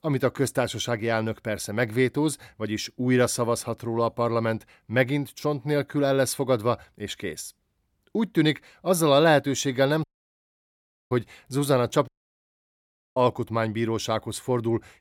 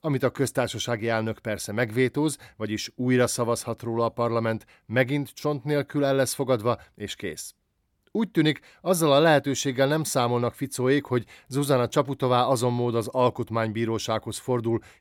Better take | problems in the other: second | audio cutting out; at 10 s for 1 s and at 12 s for 1 s

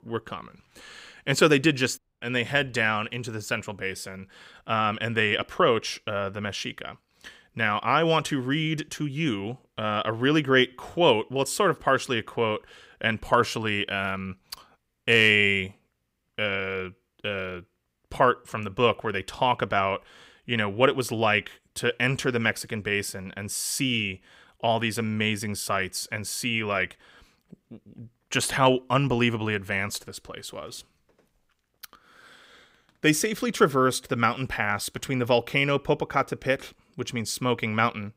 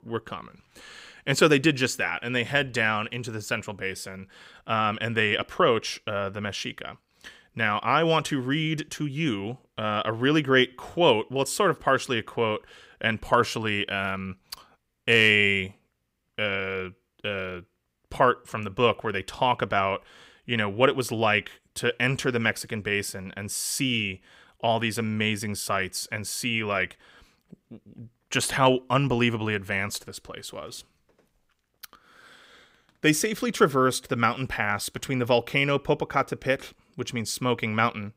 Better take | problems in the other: second | audio cutting out; at 2 s

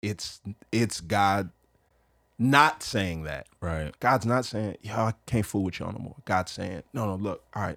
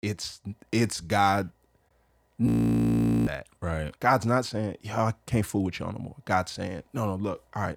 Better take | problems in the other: first | audio freezing; at 2.5 s for 1 s

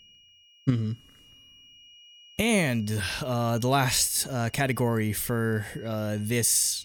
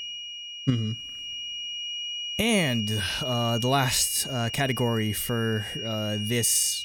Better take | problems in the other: first | high-pitched whine; loud; throughout; 3 kHz, 6 dB below the speech; faint in the first

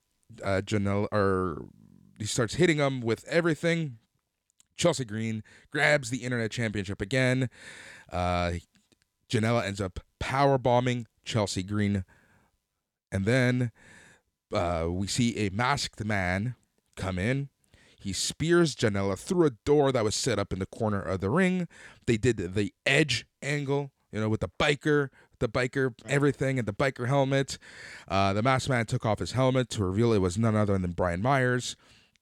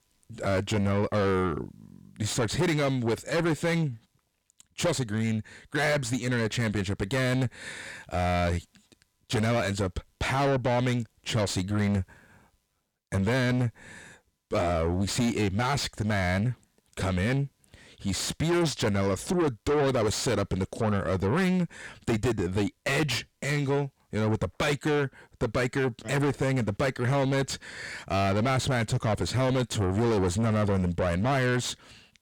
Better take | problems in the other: first | distortion; heavy; 6 dB below the speech

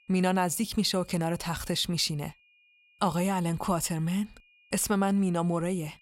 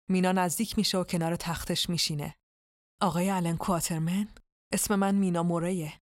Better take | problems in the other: second | high-pitched whine; faint; throughout; 2.5 kHz, 30 dB below the speech

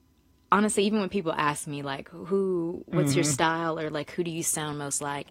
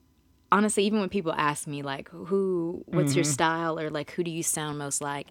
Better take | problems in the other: second | garbled, watery; slightly

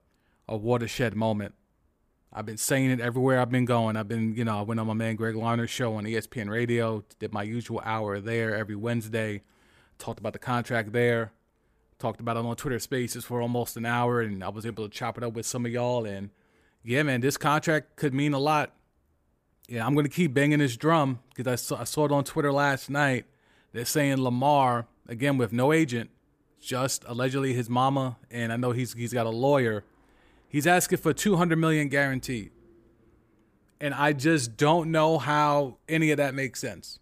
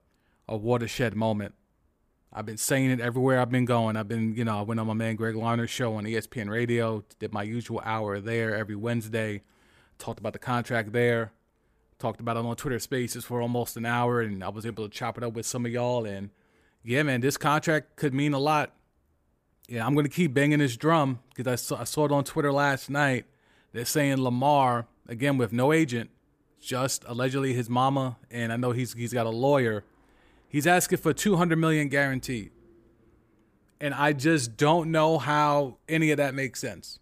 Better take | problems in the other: neither | none

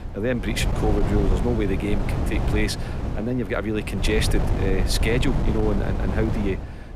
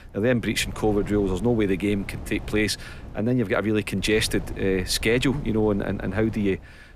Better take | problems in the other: second | wind noise on the microphone; heavy; 6 dB below the speech; occasional gusts in the second

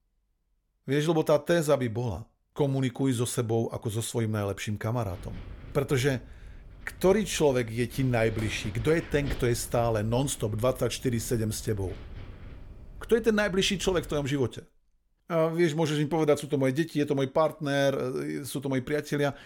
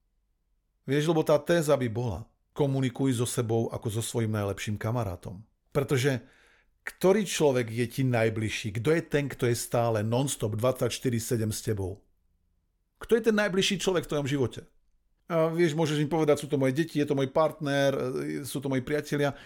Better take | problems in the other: second | wind noise on the microphone; occasional gusts; from 5 to 14 s; 20 dB below the speech

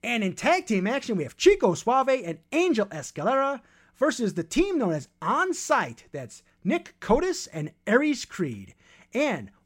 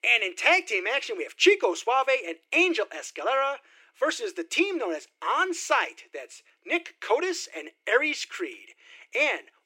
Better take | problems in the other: first | thin; very; fading below 350 Hz

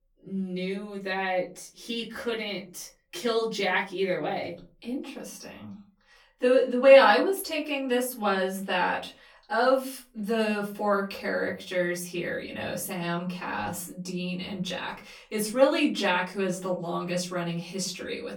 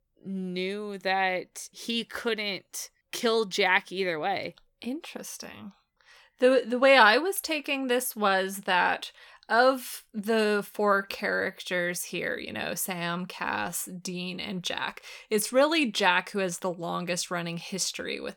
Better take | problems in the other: second | off-mic speech; far // room echo; slight; dies away in 0.4 s

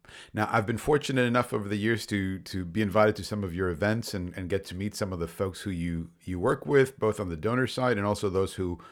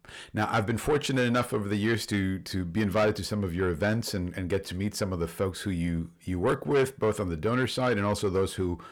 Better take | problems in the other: first | distortion; slight; 10 dB below the speech

